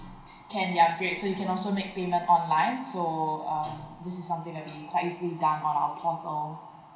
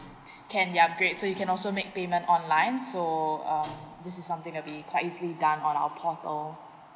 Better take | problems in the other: second | room echo; dies away in 0.4 s

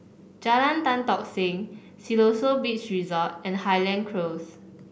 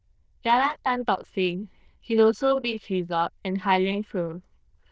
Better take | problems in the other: first | noise reduction (neural diffusion model UNIVERSE++)

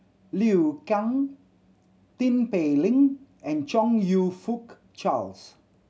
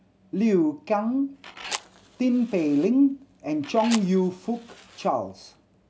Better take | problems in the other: first | background sound (Fire); 16 dB below the speech

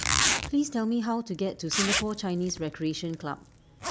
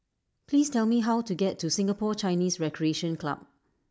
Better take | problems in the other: second | background sound (Zipper (clothing)); 1 dB below the speech

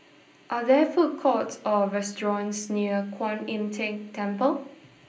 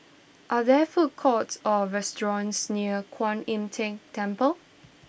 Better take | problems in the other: second | room echo; dies away in 0.5 s

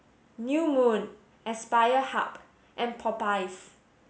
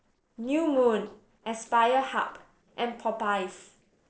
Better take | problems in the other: first | noise reduction (neural separator model SepFormer DNS4)

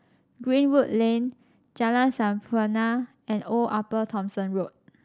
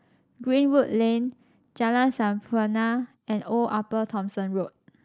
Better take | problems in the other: first | noise reduction (neural mask model Resemble Enhance denoiser)

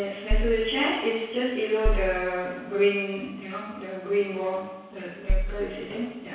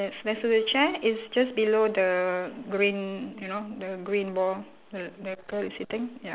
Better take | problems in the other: second | background sound (Bass drum); 1 dB above the speech // room echo; dies away in 1.1 s

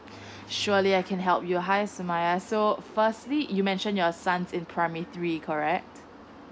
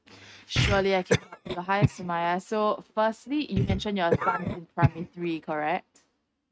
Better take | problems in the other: first | noise reduction (neural mask model RNNoise)

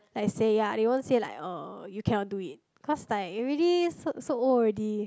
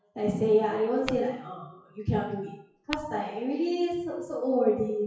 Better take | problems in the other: first | noise reduction (classical method WPE with log-MMSE)

